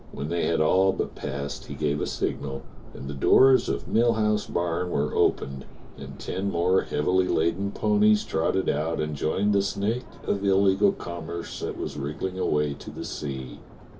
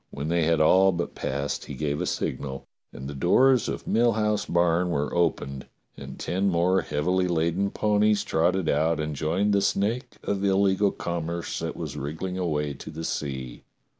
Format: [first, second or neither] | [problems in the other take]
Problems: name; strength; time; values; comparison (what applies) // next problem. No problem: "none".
second | background sound (Subway, metro, underground); 14 dB below the speech // room echo; dies away in 0.1 s